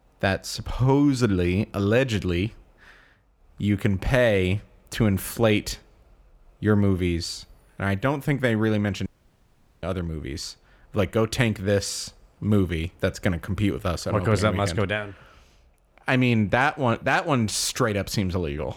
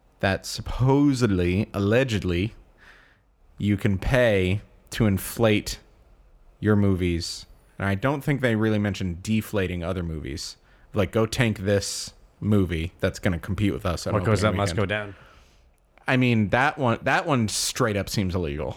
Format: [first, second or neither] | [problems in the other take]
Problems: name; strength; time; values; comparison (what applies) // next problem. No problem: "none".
second | audio cutting out; at 9 s for 1 s